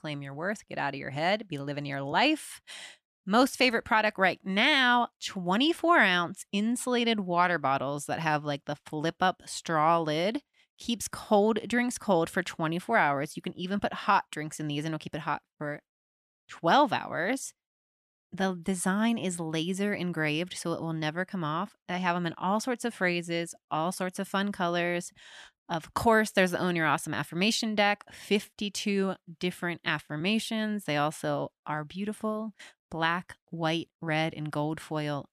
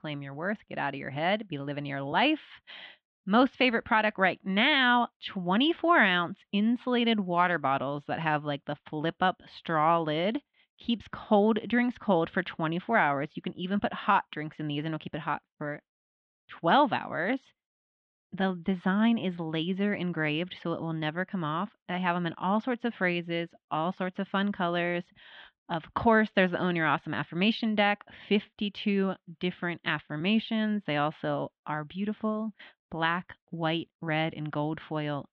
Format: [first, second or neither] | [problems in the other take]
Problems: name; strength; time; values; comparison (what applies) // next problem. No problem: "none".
first | muffled; slightly; fading above 3.5 kHz